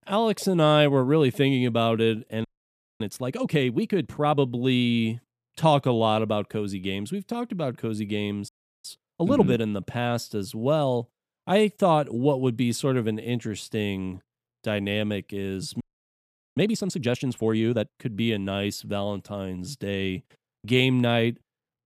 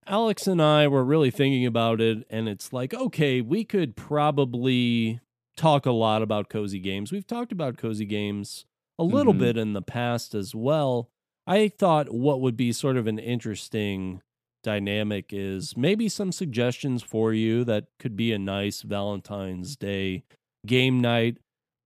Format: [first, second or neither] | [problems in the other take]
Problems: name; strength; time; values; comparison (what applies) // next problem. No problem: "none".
second | audio freezing; at 2.5 s for 0.5 s, at 8.5 s and at 16 s for 0.5 s